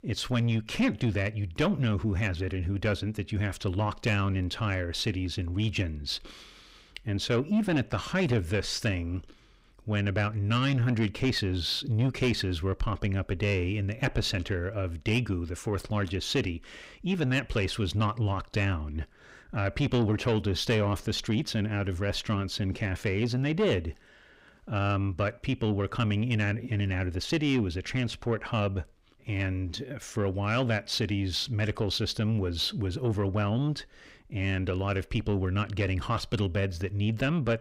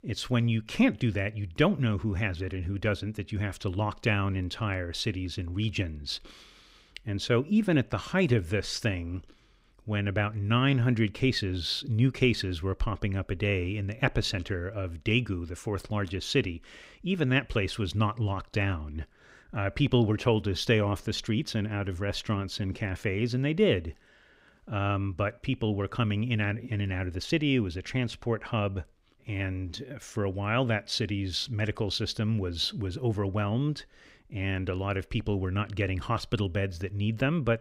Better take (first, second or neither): second